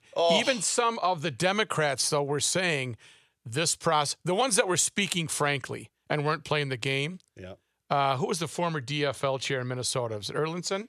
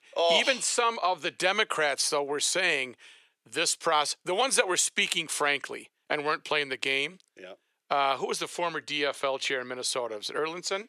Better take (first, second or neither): first